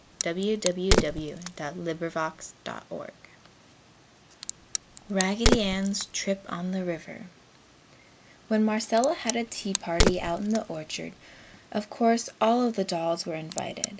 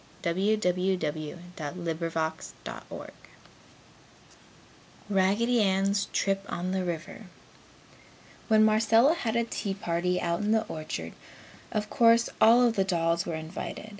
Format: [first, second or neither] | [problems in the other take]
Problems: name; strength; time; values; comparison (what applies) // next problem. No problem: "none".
second | background sound (Crack); 3 dB below the speech